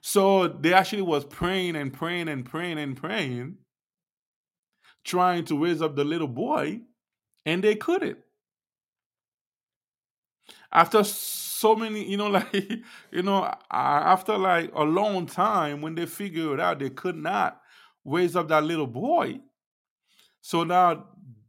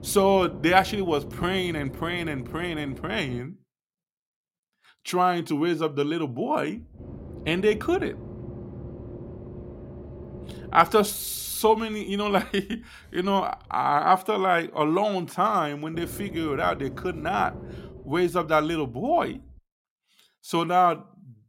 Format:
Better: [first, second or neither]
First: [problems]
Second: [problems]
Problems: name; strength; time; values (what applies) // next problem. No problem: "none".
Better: first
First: none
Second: low rumble; faint; until 3.5 s, from 7 to 14 s and from 16 to 20 s; 20 dB below the speech